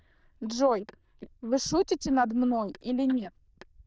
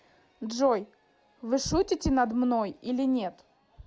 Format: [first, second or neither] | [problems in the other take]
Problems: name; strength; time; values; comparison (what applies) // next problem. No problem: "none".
second | noise reduction (neural diffusion model UNIVERSE++)